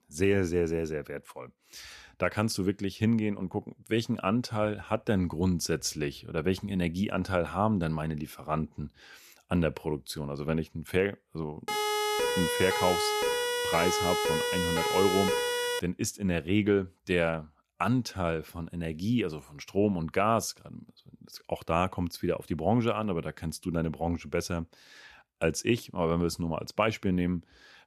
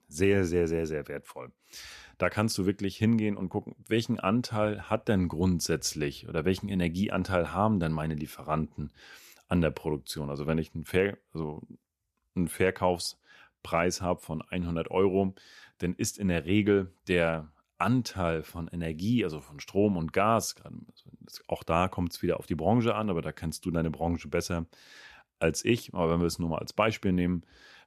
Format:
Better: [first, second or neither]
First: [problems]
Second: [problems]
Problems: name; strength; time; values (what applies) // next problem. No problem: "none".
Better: second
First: siren; loud; from 12 to 16 s; peak 2 dB above the speech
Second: none